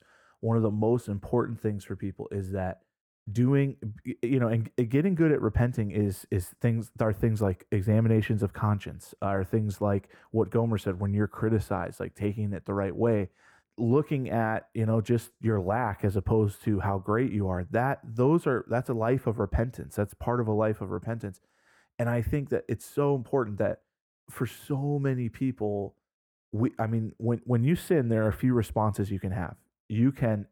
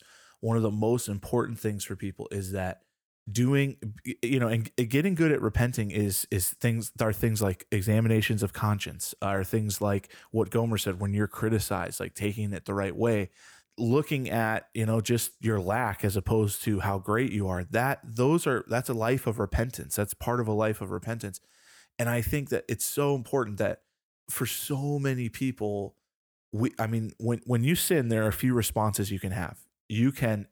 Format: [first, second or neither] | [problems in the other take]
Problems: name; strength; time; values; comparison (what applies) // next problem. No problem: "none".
second | muffled; very; fading above 2 kHz